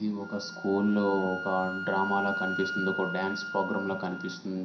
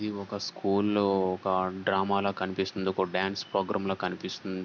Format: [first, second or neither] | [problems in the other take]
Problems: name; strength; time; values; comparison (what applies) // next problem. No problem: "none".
second | background sound (Wind instrument, woodwind instrument); 6 dB below the speech // room echo; dies away in 0.5 s